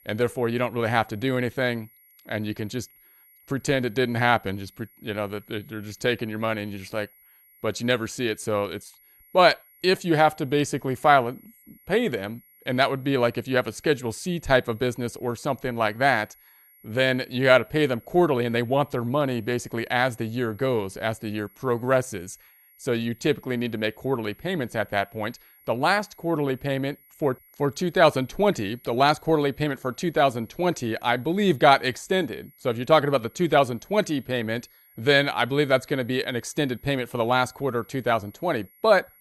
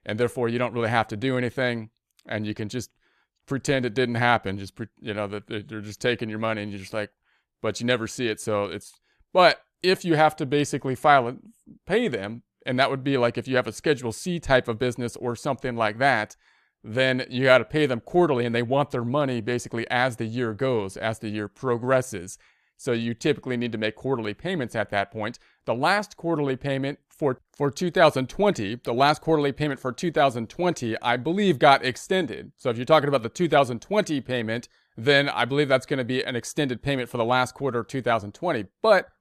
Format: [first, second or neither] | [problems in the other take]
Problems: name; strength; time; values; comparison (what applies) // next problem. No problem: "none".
second | high-pitched whine; faint; throughout; 11.5 kHz, 30 dB below the speech